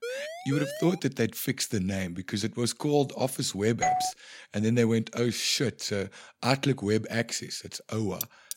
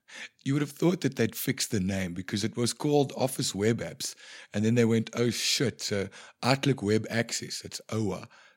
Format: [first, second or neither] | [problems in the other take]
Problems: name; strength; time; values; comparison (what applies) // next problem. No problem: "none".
second | siren; noticeable; at the start; peak 7 dB below the speech // doorbell; loud; at 4 s; peak 1 dB above the speech // clattering dishes; very faint; at 8 s; peak 7 dB below the speech